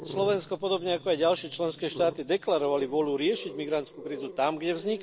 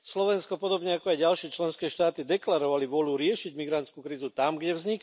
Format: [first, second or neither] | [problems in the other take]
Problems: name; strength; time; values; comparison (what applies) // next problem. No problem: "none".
second | background sound (Growling); 15 dB below the speech